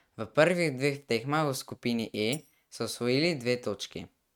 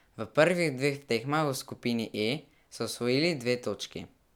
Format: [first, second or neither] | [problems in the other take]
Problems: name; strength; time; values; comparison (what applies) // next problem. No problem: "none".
second | noise reduction (neural mask model RNNoise)